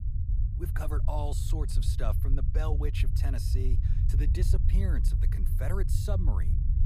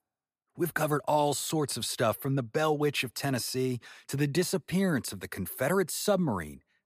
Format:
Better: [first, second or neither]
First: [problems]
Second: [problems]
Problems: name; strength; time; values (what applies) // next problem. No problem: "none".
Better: second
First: low rumble; loud; throughout; 5 dB below the speech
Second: none